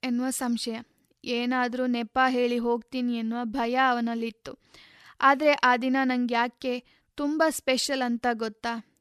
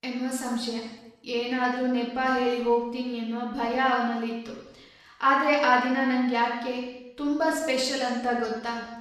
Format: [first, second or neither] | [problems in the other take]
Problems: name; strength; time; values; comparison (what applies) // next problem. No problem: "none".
first | room echo; noticeable; dies away in 0.9 s // off-mic speech; far